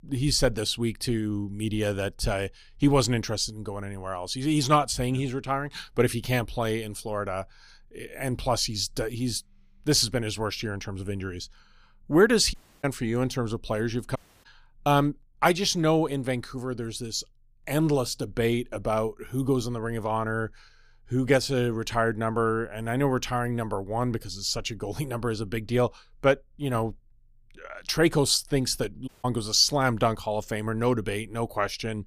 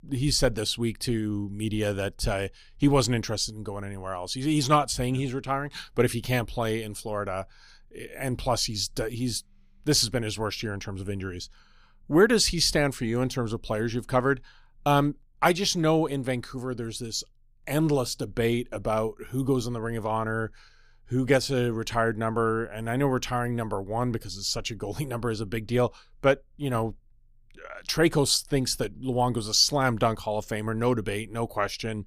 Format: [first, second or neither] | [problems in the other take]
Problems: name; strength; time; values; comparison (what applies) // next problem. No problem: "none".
second | audio cutting out; at 13 s, at 14 s and at 29 s